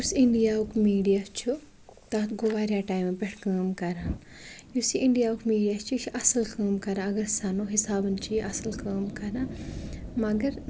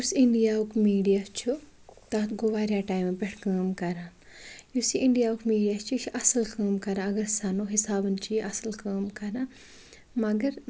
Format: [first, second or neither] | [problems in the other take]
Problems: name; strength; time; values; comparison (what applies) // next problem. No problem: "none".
second | background sound (Fire); 15 dB below the speech